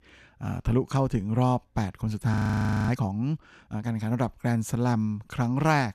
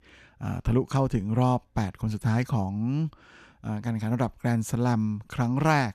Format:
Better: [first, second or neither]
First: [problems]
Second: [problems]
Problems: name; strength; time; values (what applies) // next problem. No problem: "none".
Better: second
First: audio freezing; at 2.5 s for 0.5 s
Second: none